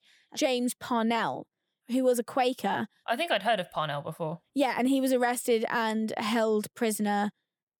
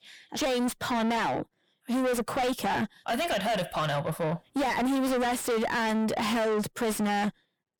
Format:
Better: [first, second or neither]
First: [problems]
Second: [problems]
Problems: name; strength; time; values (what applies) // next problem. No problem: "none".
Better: first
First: none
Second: distortion; heavy; 6 dB below the speech